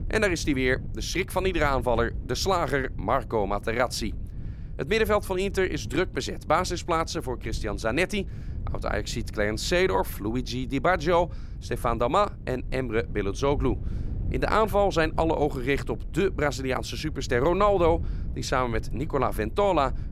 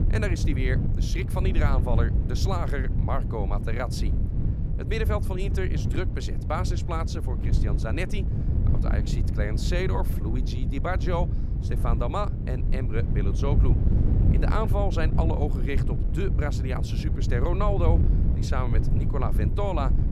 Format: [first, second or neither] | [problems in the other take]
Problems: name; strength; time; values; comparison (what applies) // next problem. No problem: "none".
first | wind noise on the microphone; heavy; 6 dB below the speech; occasional gusts in the first